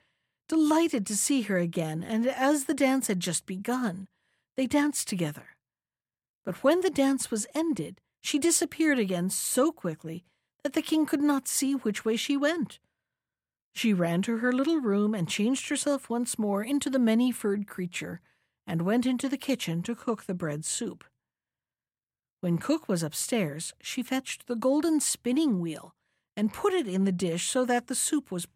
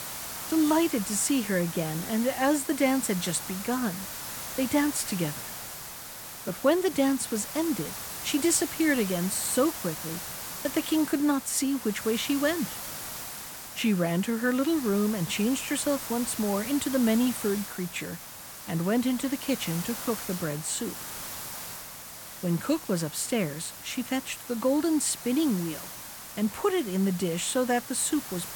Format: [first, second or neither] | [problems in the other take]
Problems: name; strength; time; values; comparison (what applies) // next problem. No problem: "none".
first | hiss; loud; throughout; 9 dB below the speech